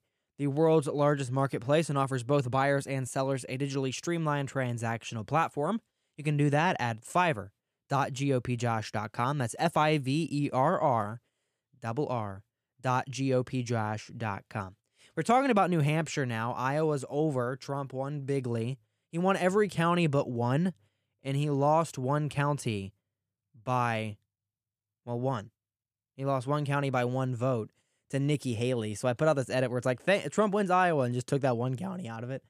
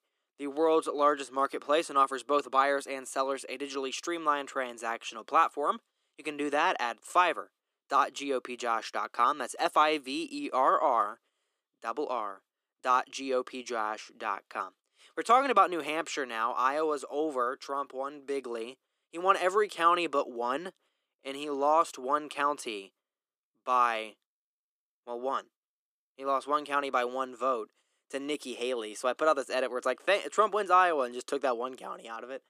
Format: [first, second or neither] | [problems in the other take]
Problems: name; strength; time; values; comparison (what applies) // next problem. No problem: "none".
first | thin; very; fading below 300 Hz